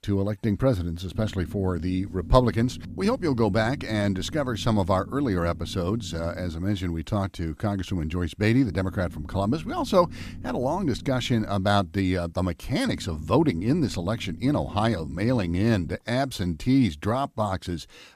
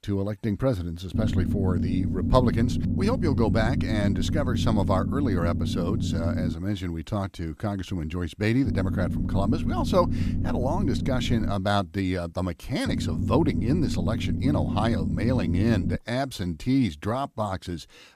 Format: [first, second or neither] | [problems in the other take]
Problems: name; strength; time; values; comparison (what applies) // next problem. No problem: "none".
first | low rumble; loud; from 1 to 6.5 s, from 8.5 to 12 s and from 13 to 16 s; 7 dB below the speech; faint in the first